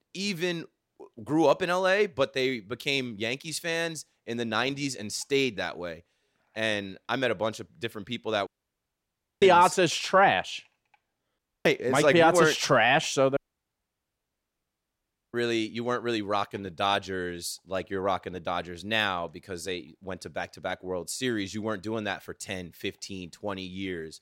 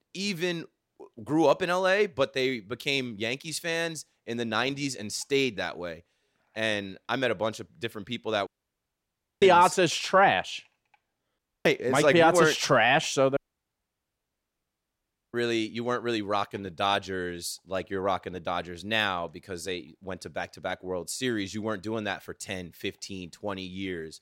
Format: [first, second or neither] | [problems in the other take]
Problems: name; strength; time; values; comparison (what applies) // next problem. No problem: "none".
neither | audio cutting out; at 8.5 s for 1 s, at 11 s and at 13 s for 2 s; the same in both